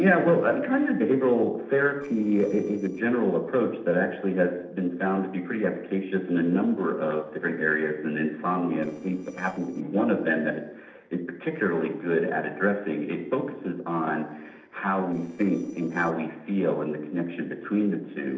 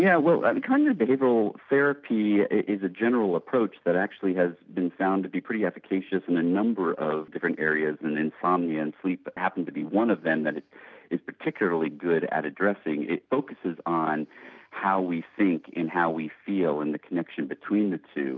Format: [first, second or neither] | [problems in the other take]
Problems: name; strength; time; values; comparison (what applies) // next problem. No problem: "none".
second | noise reduction (neural separator model SepFormer DNS4)